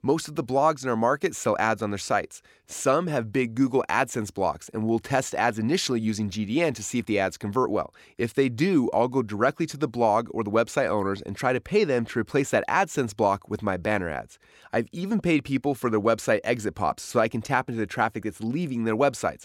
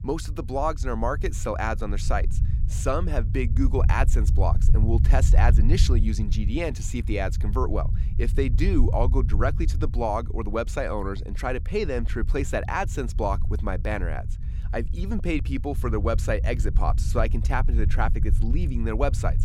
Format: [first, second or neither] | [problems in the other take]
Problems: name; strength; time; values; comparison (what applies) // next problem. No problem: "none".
first | low rumble; noticeable; throughout; 15 dB below the speech